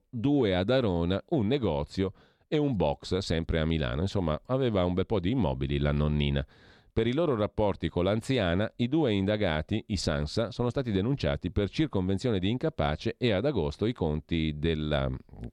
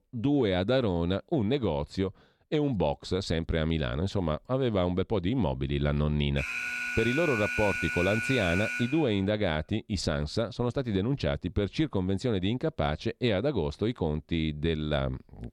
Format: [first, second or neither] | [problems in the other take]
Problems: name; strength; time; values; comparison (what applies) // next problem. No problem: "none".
first | alarm; noticeable; from 6.5 to 9 s; peak 1 dB below the speech